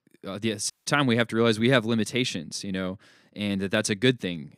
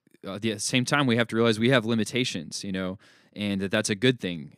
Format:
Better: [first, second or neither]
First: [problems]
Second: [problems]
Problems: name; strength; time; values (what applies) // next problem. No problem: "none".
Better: second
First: audio cutting out; at 0.5 s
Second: none